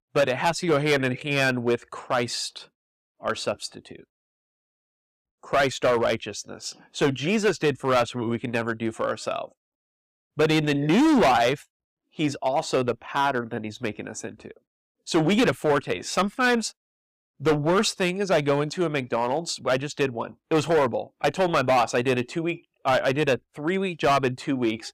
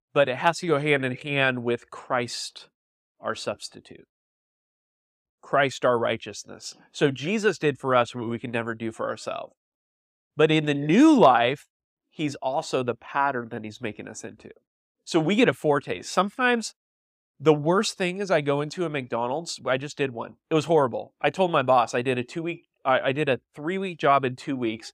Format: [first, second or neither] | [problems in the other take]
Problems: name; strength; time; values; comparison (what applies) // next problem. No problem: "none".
second | distortion; heavy; 6% of the sound clipped